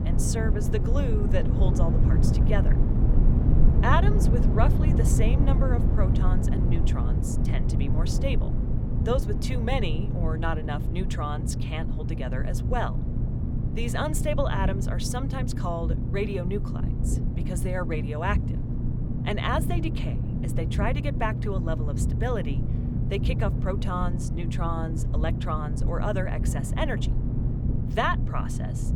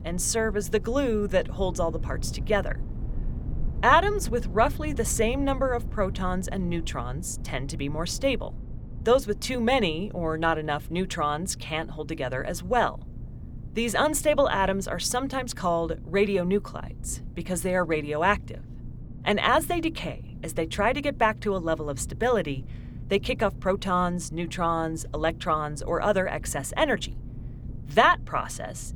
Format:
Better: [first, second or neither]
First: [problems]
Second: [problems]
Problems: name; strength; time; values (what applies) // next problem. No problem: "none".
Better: second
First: low rumble; loud; throughout; 6 dB below the speech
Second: low rumble; faint; throughout; 25 dB below the speech